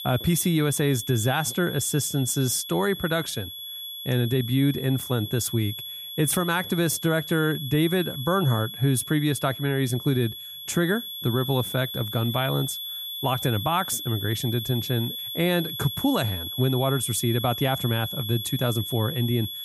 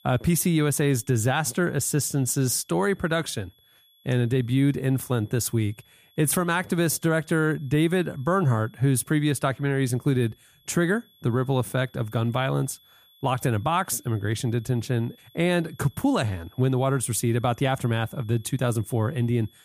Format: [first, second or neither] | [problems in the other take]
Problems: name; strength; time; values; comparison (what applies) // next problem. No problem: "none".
second | high-pitched whine; loud; throughout; 3.5 kHz, 7 dB below the speech; faint in the second